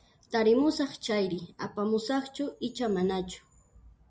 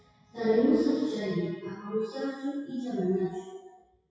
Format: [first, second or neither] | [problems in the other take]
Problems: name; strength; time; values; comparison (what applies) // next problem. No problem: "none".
first | noise reduction (classical method WPE with log-MMSE)